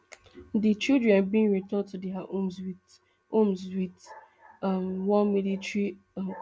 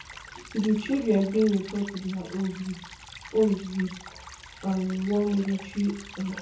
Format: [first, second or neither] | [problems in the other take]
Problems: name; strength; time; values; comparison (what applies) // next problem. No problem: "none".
first | background sound (Stream / Trickle, dribble); 16 dB below the speech // room echo; dies away in 0.6 s